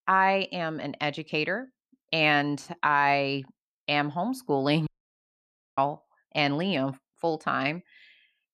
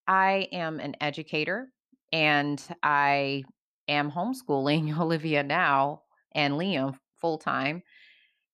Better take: second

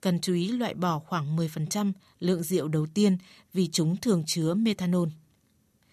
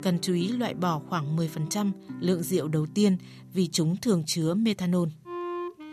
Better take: first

